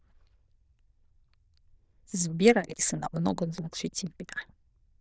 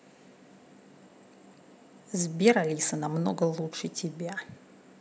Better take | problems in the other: second | noise reduction (neural diffusion model UNIVERSE++)

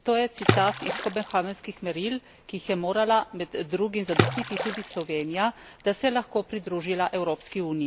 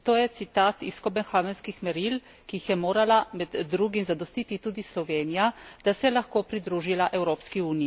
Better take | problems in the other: second | background sound (Water / Splash, splatter); 5 dB below the speech

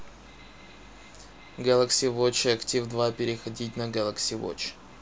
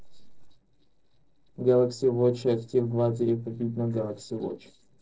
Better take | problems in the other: first | noise reduction (neural separator model SepFormer DNS4)

